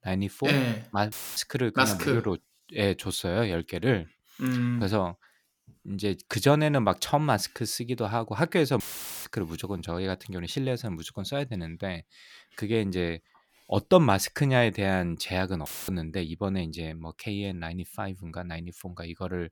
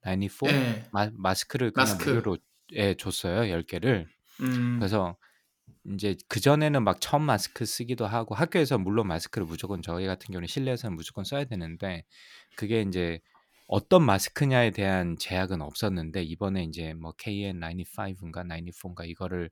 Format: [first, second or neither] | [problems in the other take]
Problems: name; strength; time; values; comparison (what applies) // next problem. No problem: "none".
second | audio cutting out; filled with static; at 1 s, at 9 s and at 16 s